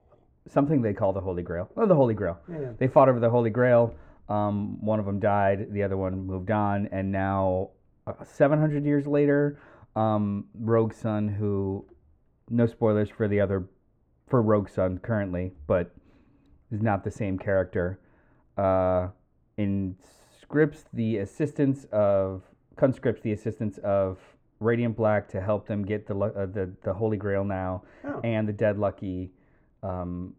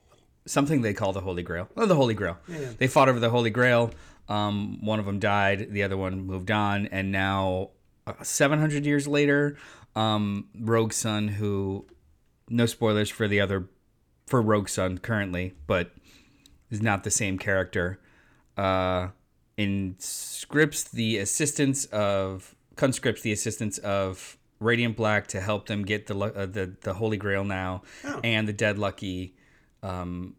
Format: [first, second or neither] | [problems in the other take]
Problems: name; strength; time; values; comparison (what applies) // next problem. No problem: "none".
second | muffled; very; fading above 2.5 kHz